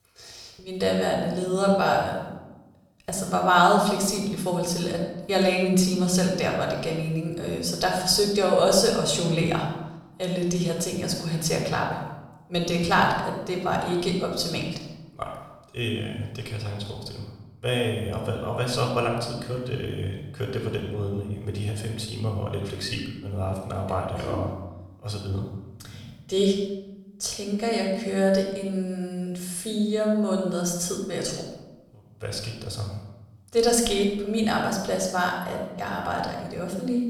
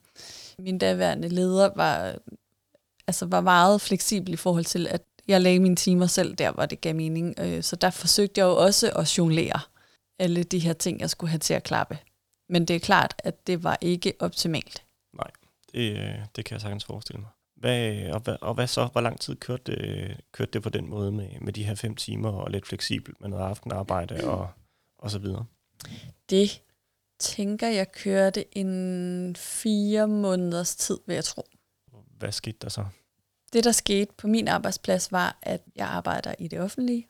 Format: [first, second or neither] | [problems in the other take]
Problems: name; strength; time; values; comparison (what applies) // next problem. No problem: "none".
second | off-mic speech; somewhat distant // room echo; noticeable; dies away in 0.8 s